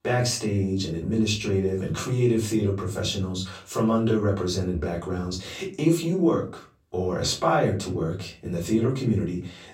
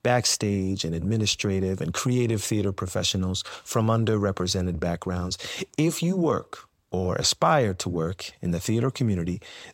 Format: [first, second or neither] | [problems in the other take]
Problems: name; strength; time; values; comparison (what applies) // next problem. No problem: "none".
second | off-mic speech; far // room echo; slight; dies away in 0.3 s